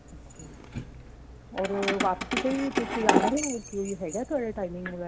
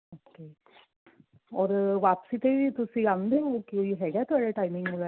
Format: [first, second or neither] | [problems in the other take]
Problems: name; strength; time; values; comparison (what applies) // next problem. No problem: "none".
second | background sound (Keys jangling); as loud as the speech